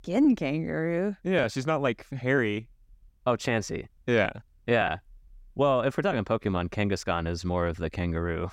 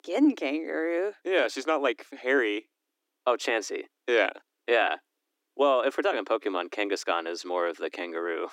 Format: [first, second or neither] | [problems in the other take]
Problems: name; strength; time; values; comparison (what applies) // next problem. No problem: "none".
first | thin; somewhat; fading below 300 Hz